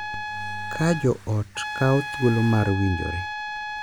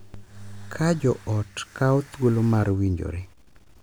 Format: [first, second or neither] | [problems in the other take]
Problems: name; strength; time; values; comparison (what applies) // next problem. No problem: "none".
second | background sound (Trumpet); 8 dB below the speech